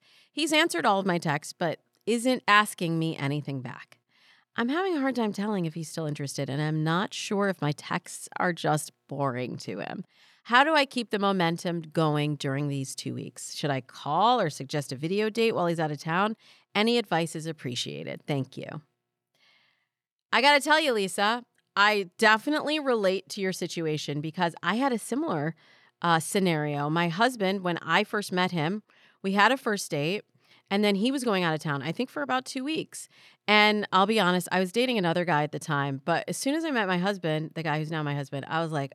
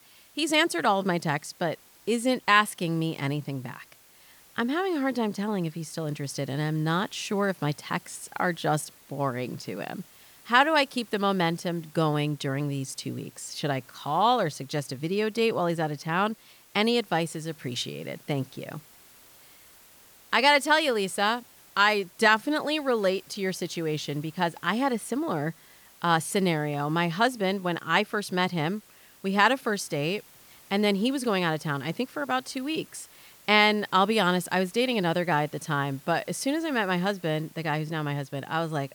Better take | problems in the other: first | hiss; faint; throughout; 25 dB below the speech

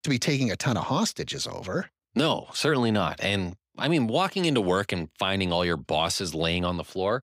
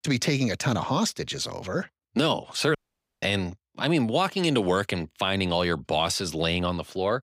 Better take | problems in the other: first | audio cutting out; at 3 s

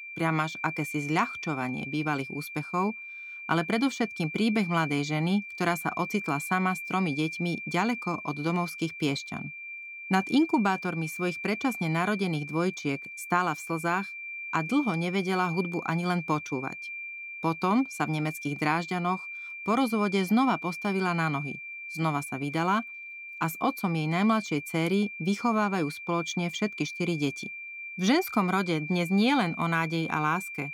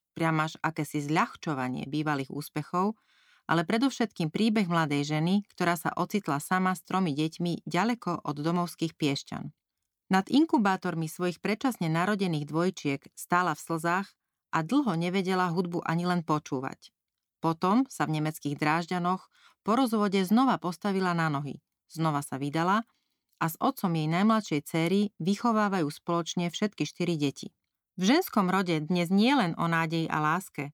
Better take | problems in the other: second | high-pitched whine; loud; throughout; 2.5 kHz, 9 dB below the speech

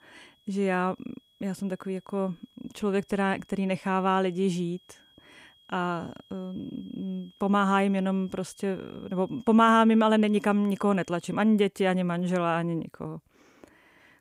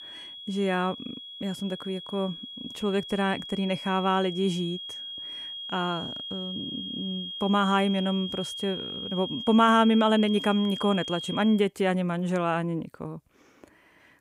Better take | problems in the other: first | high-pitched whine; loud; until 12 s; 3.5 kHz, 9 dB below the speech; faint in the first

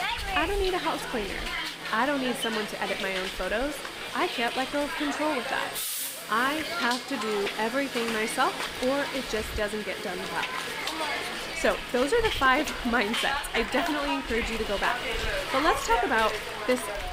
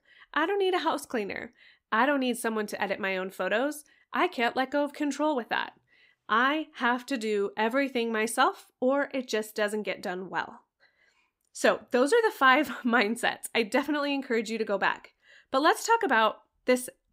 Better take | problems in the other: second | hiss; loud; throughout; 3 dB below the speech

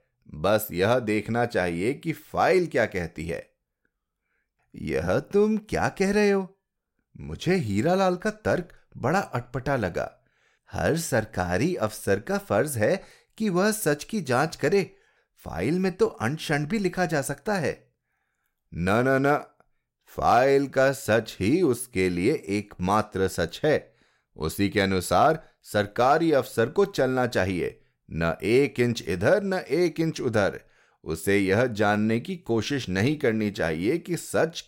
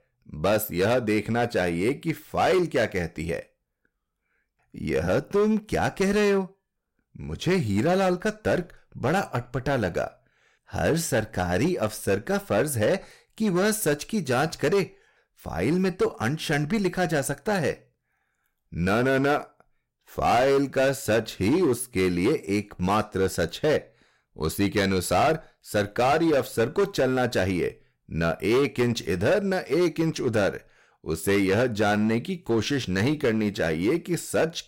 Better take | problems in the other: first | distortion; slight; 8% of the sound clipped

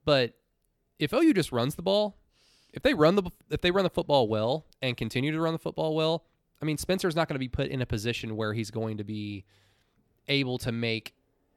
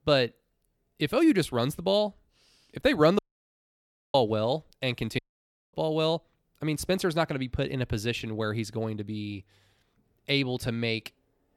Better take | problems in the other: first | audio cutting out; at 3 s for 1 s and at 5 s for 0.5 s

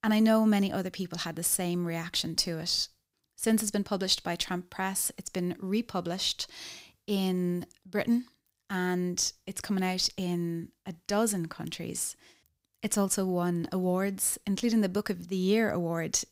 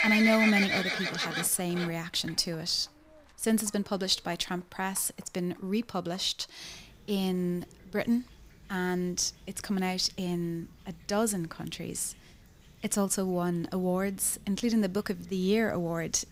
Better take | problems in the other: first | animal sounds; very loud; throughout; as loud as the speech

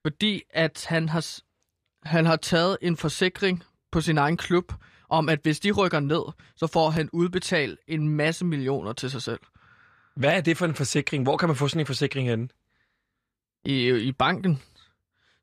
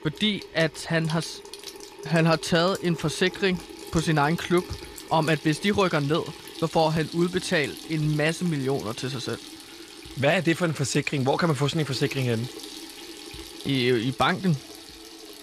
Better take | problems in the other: first | household noises; noticeable; throughout; 15 dB below the speech

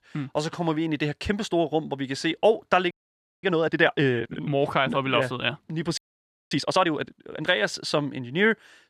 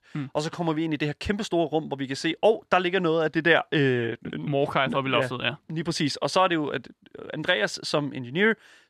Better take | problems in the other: second | audio freezing; at 3 s for 0.5 s and at 6 s for 0.5 s

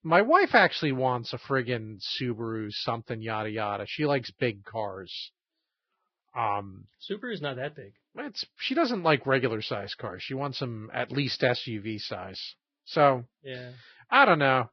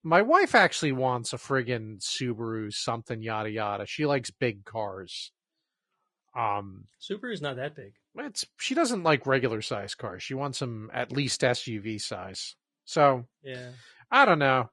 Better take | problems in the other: second | garbled, watery; badly; nothing above 5 kHz; slightly in the second

